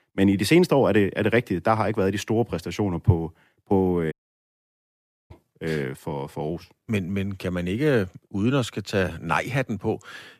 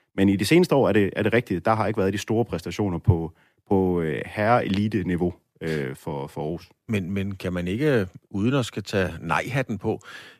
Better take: second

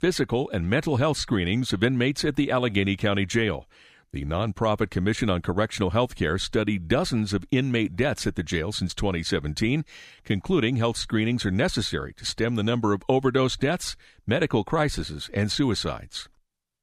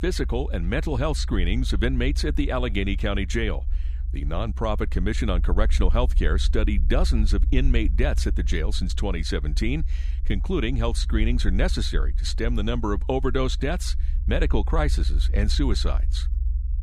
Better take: first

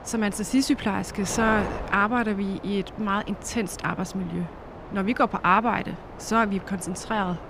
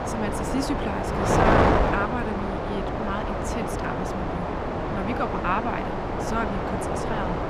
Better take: first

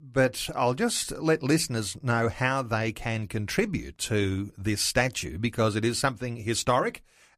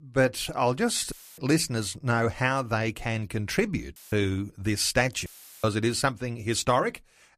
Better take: first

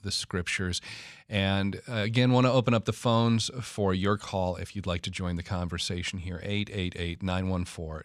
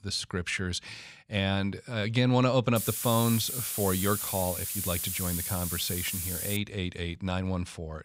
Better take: first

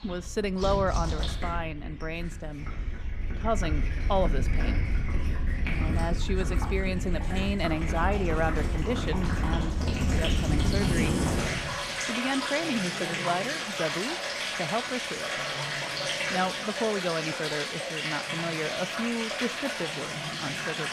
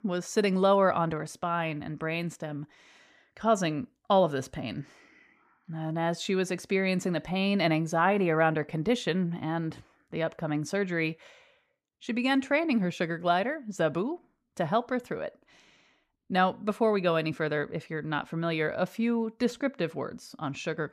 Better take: second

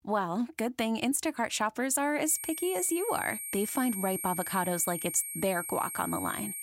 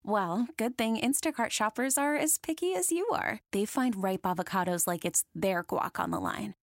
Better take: second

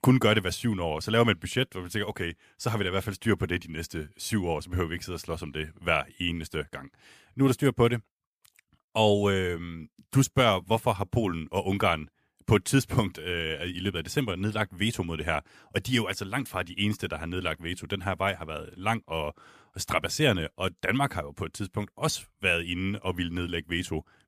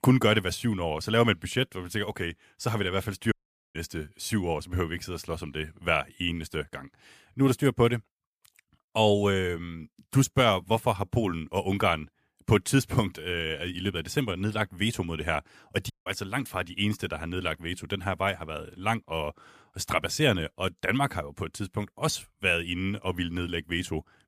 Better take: first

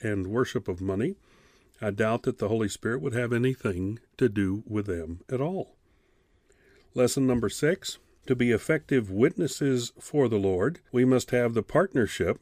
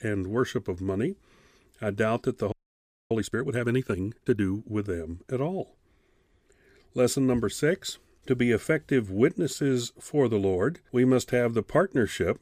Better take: first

